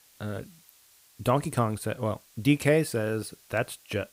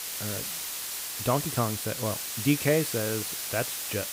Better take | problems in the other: first | hiss; loud; throughout; 2 dB below the speech; faint in the first

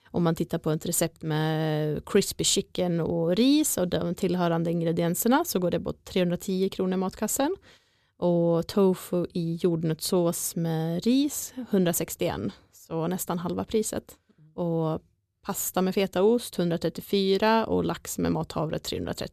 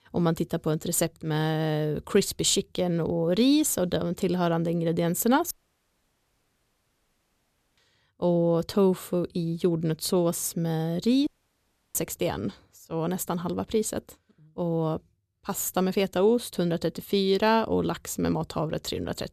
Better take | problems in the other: first | audio cutting out; at 5.5 s for 2.5 s and at 11 s for 0.5 s

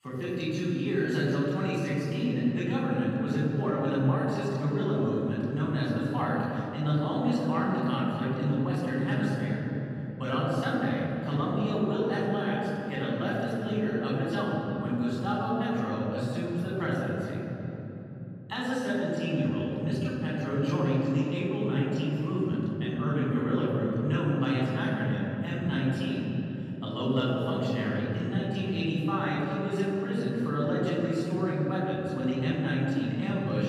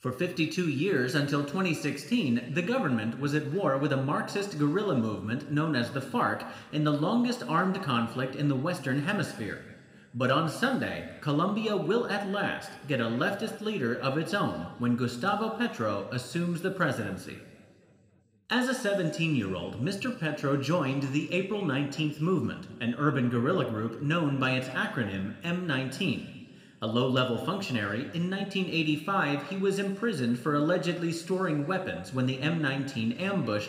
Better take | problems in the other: second | room echo; strong; dies away in 3 s; slight in the second // off-mic speech; far

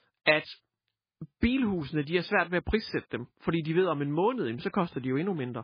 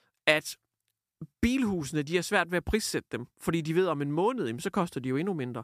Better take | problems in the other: second | garbled, watery; badly

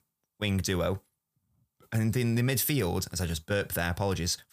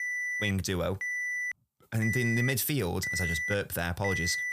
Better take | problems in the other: first | alarm; loud; peak 1 dB above the speech

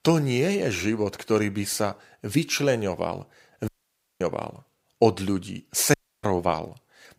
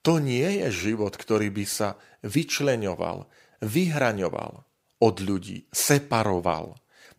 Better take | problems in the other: second | audio cutting out; at 3.5 s for 0.5 s and at 6 s

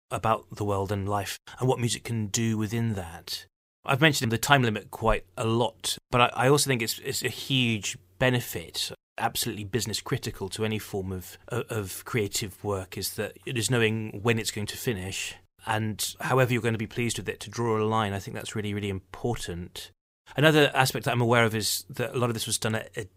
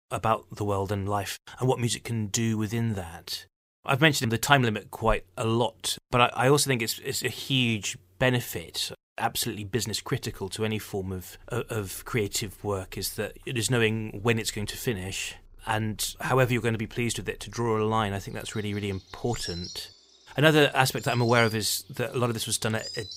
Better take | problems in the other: first | animal sounds; noticeable; from 11 s on; 20 dB below the speech

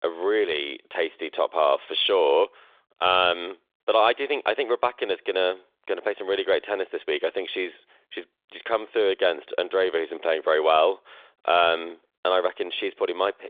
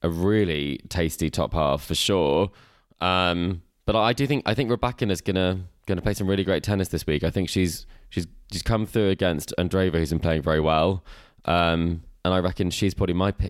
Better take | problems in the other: second | phone-call audio; nothing above 3.5 kHz

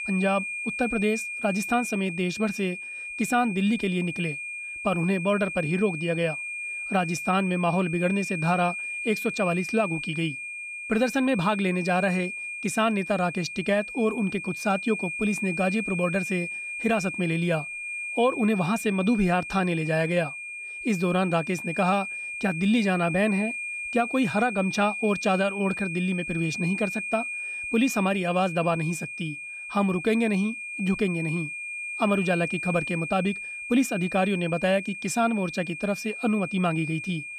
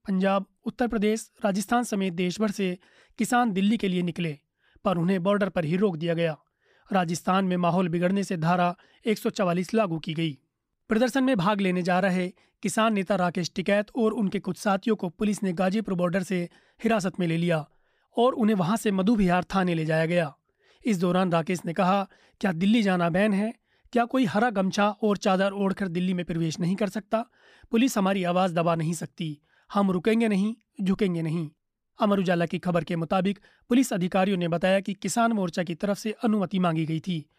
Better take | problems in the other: second | high-pitched whine; loud; throughout; 2.5 kHz, 6 dB below the speech

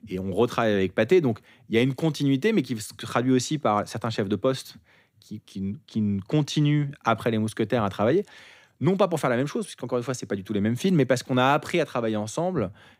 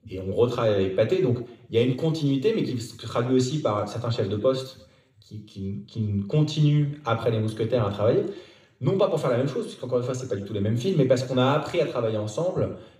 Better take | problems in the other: first | room echo; slight; dies away in 0.6 s

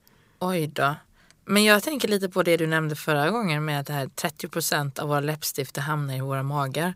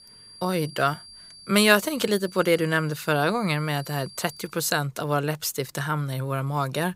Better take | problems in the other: first | high-pitched whine; noticeable; until 4.5 s; 4.5 kHz, 20 dB below the speech

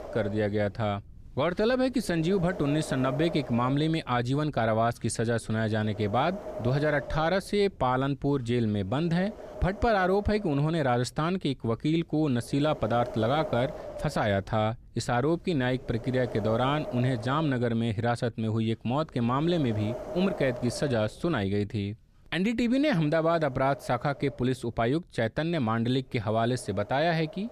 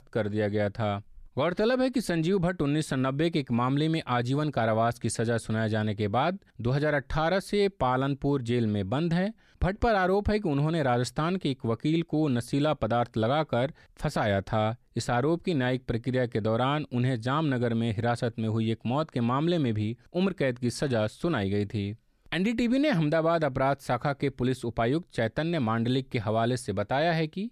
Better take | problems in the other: second | wind noise on the microphone; occasional gusts; 10 dB below the speech

